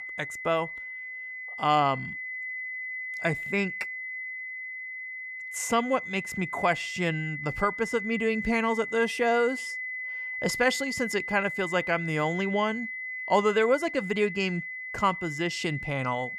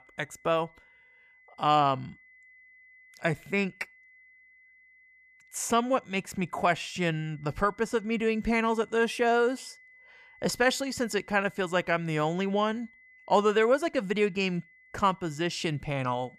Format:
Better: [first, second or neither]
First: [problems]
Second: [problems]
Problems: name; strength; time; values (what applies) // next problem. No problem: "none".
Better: second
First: high-pitched whine; loud; throughout; 2 kHz, 6 dB below the speech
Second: high-pitched whine; faint; throughout; 2 kHz, 25 dB below the speech